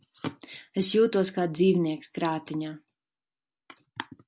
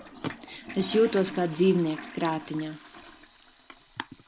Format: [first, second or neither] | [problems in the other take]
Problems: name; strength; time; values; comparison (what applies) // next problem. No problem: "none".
first | background sound (Toilet flush); 15 dB below the speech